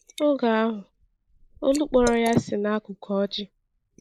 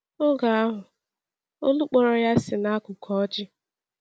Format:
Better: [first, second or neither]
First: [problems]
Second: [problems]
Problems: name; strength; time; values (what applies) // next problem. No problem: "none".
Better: second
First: noise reduction (neural mask model Resemble Enhance denoiser)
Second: none